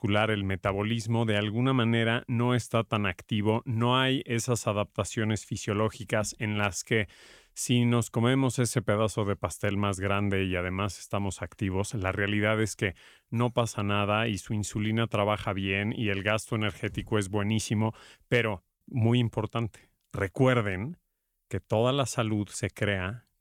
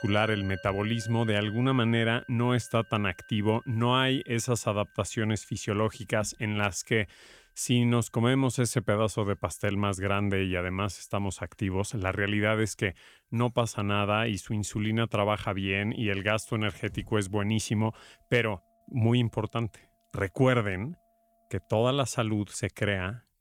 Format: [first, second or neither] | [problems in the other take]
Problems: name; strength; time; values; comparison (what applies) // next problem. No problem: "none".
first | background music; faint; throughout; 20 dB below the speech